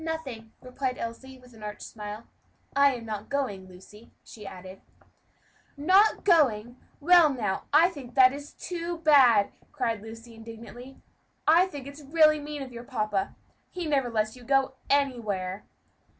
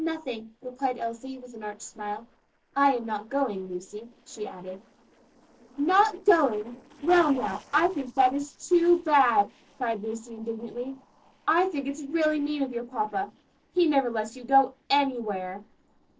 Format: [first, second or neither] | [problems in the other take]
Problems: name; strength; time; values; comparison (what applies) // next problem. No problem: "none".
first | noise reduction (neural separator model SepFormer DNS4)